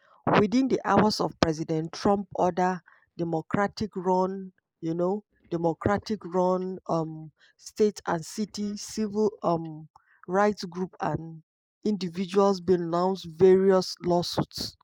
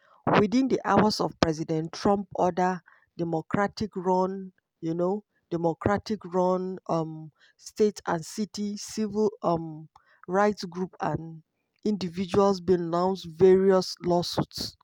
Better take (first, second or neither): second